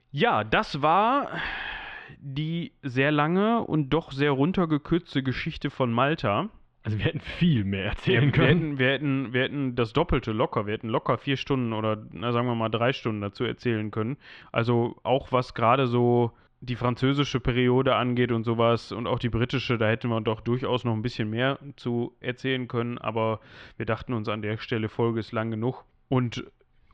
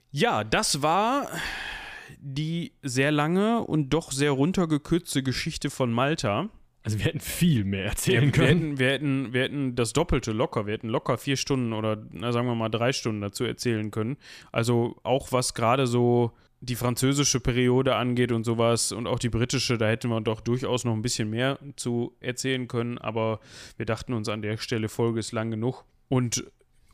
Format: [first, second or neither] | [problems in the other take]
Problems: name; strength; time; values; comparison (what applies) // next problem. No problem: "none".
second | muffled; very; fading above 3.5 kHz